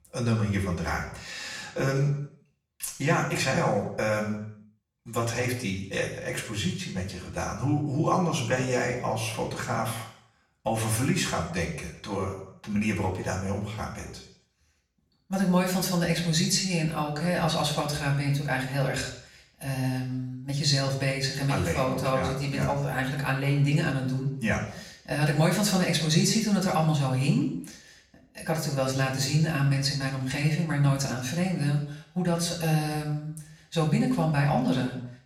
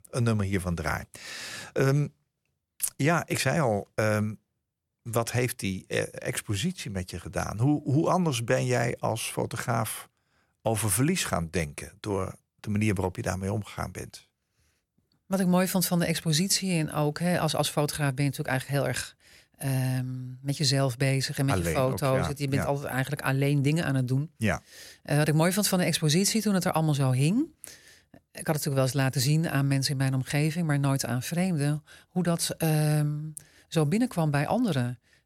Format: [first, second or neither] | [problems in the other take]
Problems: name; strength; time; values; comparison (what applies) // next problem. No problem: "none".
second | room echo; noticeable; dies away in 0.7 s // off-mic speech; far